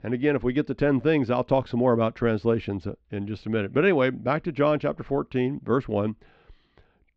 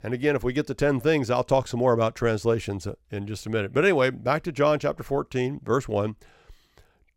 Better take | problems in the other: second | muffled; slightly; fading above 4 kHz

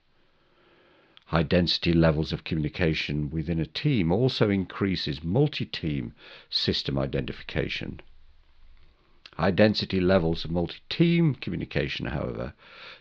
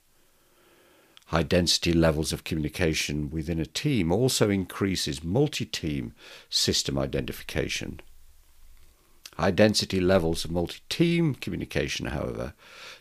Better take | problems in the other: second | muffled; very slightly; fading above 4 kHz

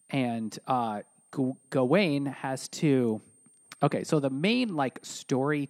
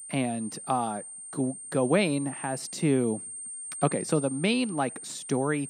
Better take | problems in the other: first | high-pitched whine; loud; throughout; 8.5 kHz, 9 dB below the speech; faint in the first

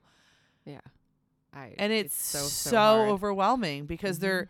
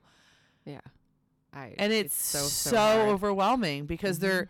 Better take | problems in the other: first | distortion; slight; 4% of the sound clipped

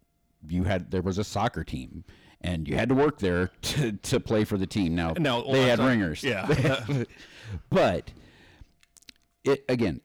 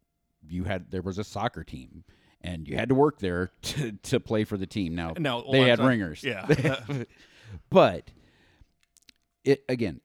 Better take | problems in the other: second | distortion; heavy; 6 dB below the speech

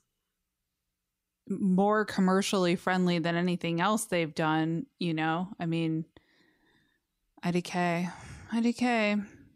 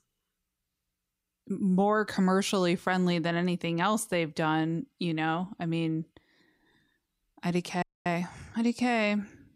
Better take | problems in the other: first | audio freezing; at 8 s

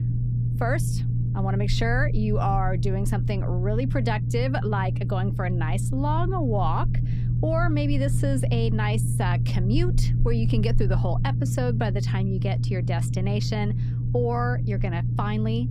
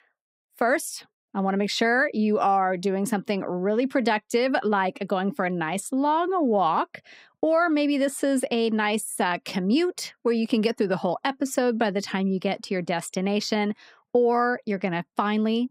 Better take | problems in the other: second | low rumble; loud; throughout; 8 dB below the speech

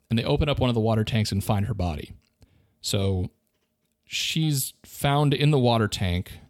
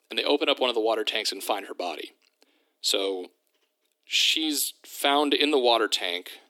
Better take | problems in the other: first | thin; somewhat; fading below 300 Hz

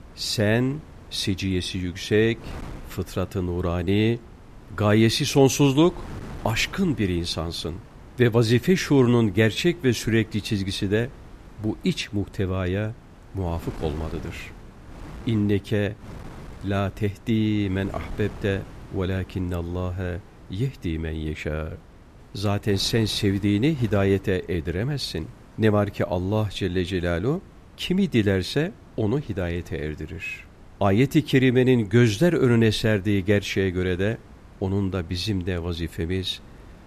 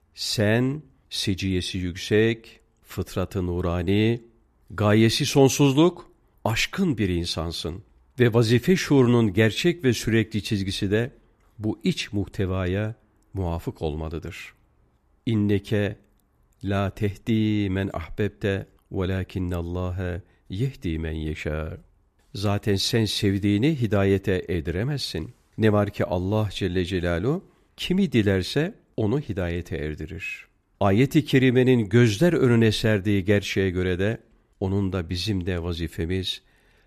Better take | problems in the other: second | wind noise on the microphone; occasional gusts; 20 dB below the speech

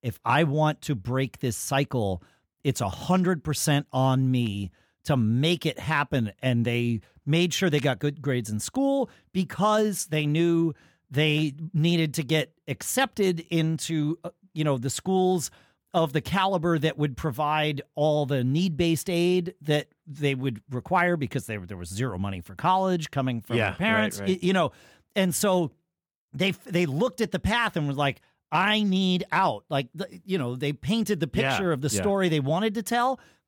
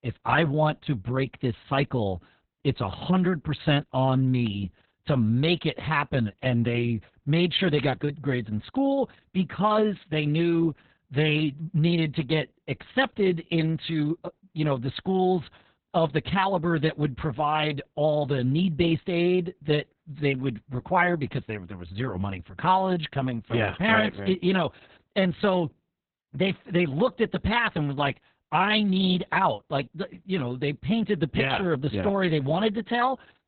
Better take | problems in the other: first | garbled, watery; badly; nothing above 4 kHz

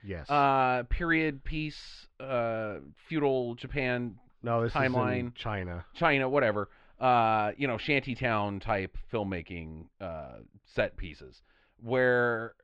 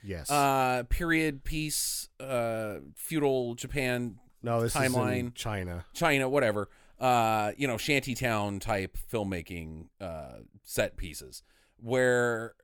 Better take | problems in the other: second | muffled; slightly; fading above 3.5 kHz

